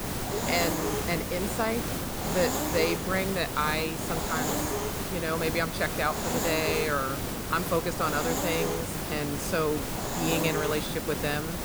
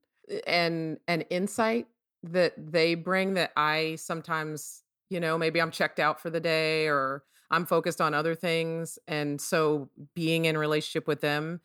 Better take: second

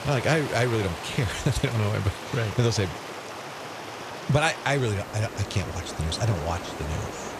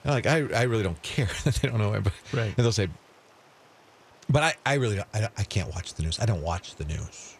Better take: second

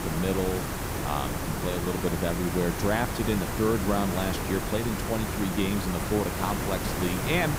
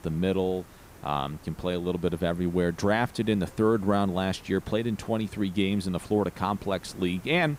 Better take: second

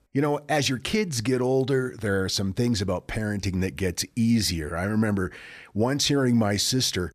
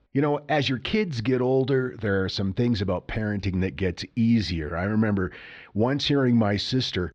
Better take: first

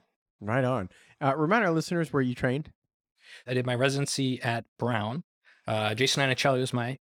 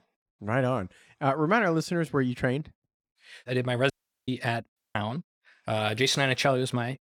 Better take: first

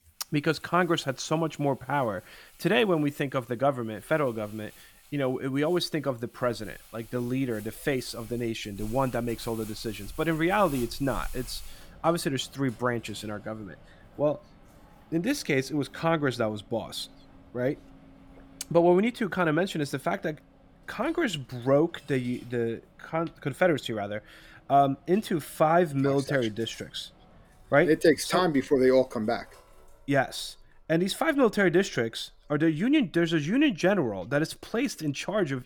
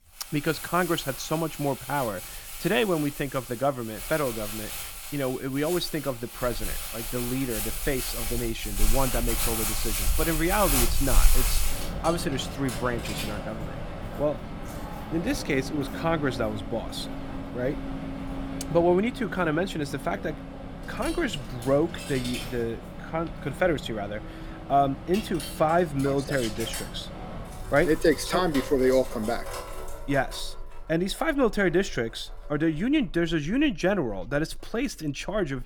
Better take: first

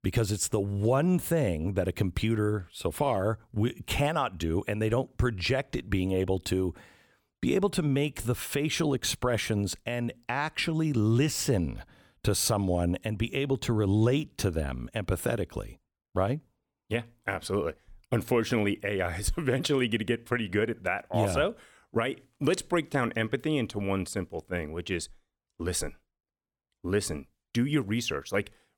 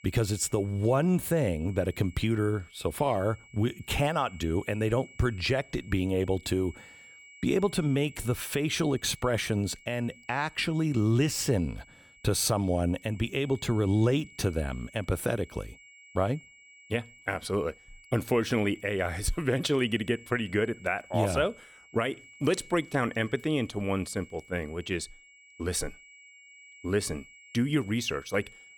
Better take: first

